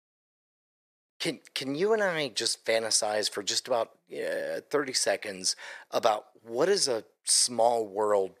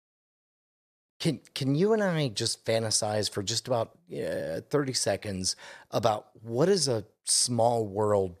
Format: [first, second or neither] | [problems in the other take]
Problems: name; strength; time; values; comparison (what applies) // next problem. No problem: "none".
second | thin; somewhat; fading below 350 Hz